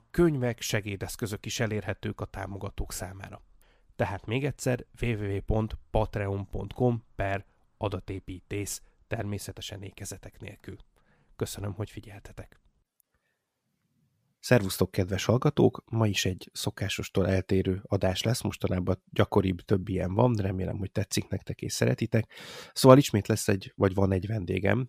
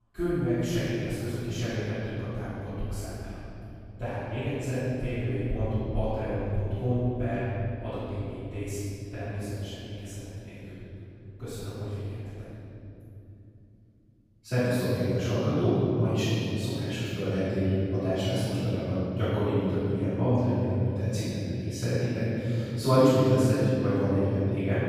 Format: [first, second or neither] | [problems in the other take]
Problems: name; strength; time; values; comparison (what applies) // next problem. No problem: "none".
first | off-mic speech; far // room echo; strong; dies away in 3 s